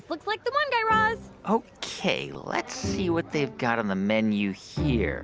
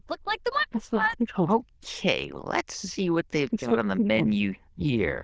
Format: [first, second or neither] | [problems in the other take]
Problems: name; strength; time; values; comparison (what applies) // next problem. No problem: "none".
first | noise reduction (neural diffusion model UNIVERSE++)